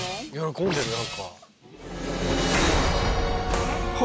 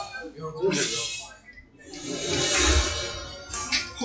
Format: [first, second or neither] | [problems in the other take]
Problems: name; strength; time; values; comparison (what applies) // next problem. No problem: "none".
first | noise reduction (classical method WPE with log-MMSE)